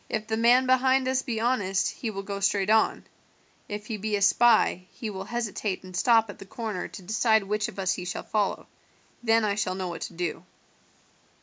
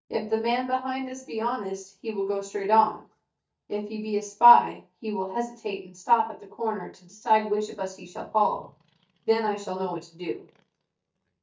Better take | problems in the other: first | noise reduction (neural mask model DeepFilterNet 3)

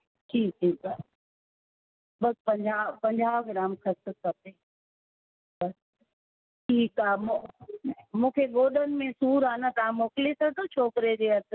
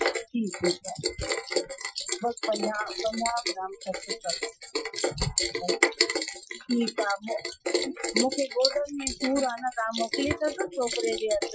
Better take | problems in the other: first | noise reduction (classical method Wiener filter)

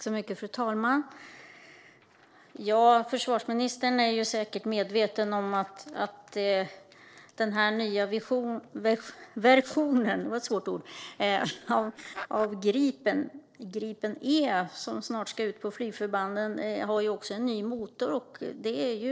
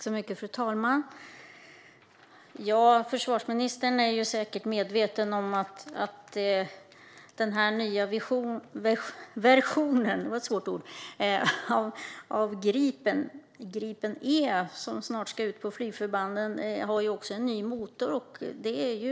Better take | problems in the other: second | noise reduction (neural separator model SepFormer DNS4)

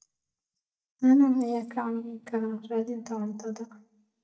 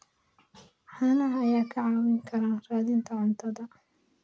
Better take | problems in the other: second | noise reduction (neural mask model DeepFilterNet 3)

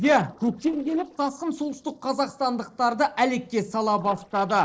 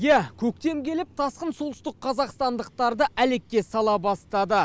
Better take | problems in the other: second | noise reduction (neural separator model SepFormer DNS4)

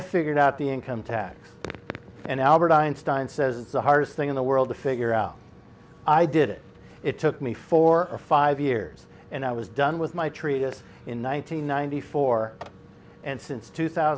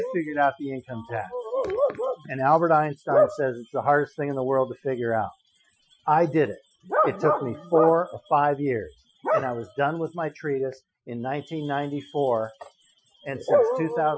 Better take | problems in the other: first | noise reduction (classical method Wiener filter)

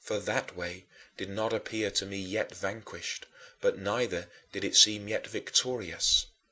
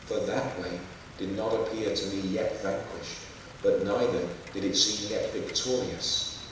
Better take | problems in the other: first | background sound (Rain); 16 dB below the speech // room echo; dies away in 1 s

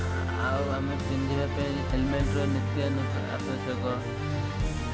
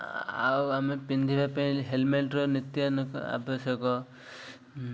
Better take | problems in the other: second | background sound (Musical instrument); 3 dB above the speech

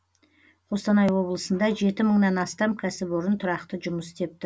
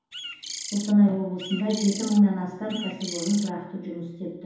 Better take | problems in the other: first | background sound (Bird); 11 dB below the speech // room echo; dies away in 2.2 s

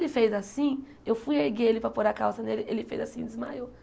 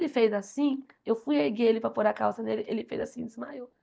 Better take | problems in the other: first | noise reduction (neural mask model DeepFilterNet 3)

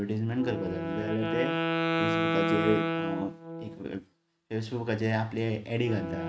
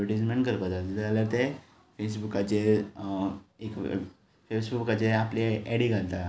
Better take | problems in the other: second | noise reduction (neural mask model RNNoise)

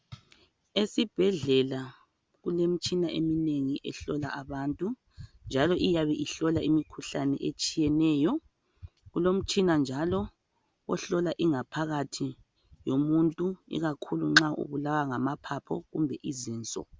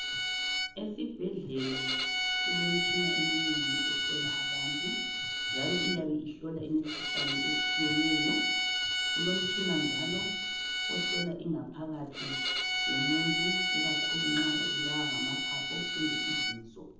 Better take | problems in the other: first | background sound (Bowed string instrument); 4 dB above the speech // room echo; dies away in 0.8 s

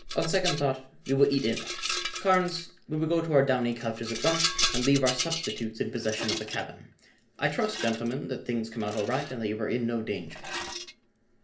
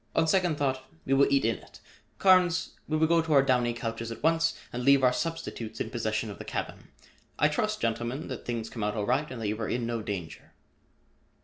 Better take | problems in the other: second | background sound (Rattle); 7 dB below the speech // room echo; dies away in 0.3 s

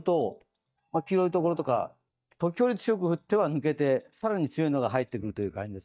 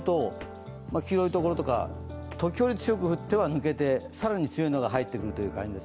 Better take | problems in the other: second | noise reduction (neural mask model DeepFilterNet 3)

